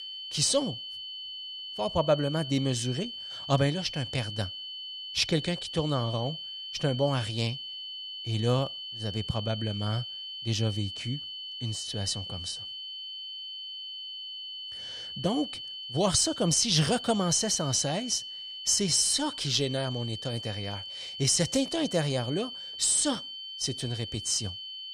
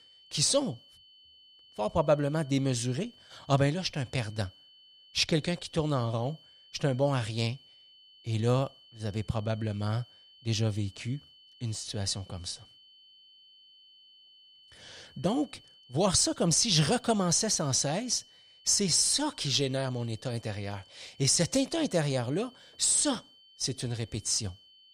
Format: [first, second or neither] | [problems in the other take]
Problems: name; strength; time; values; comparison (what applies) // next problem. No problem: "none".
second | high-pitched whine; loud; throughout; 3 kHz, 8 dB below the speech; faint in the second